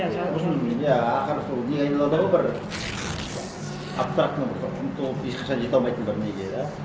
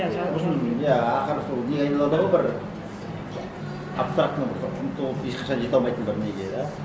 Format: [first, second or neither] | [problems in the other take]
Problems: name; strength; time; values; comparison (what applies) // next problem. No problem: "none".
second | background sound (Tearing); 17 dB below the speech